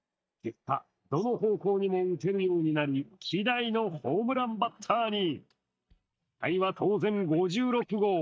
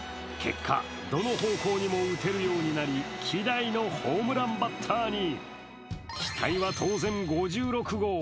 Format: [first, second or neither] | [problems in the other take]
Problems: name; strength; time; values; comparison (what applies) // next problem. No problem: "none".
second | noise reduction (neural mask model DeepFilterNet 3)